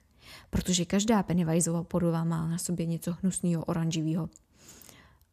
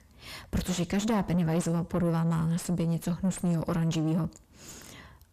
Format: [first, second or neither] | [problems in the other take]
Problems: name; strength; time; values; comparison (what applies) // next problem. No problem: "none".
first | distortion; heavy; 7 dB below the speech